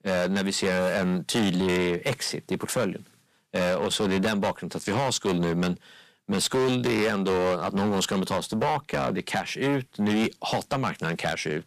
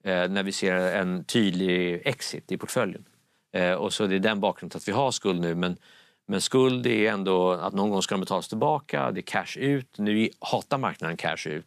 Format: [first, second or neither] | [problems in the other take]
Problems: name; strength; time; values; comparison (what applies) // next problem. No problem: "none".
second | distortion; heavy; 14% of the sound clipped